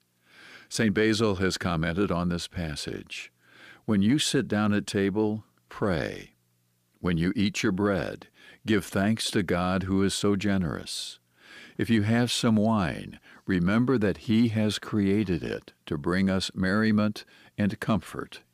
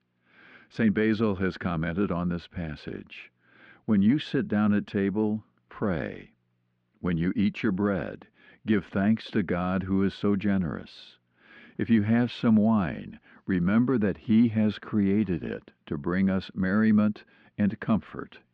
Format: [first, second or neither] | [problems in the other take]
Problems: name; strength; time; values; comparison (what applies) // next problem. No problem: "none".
first | muffled; slightly; fading above 2.5 kHz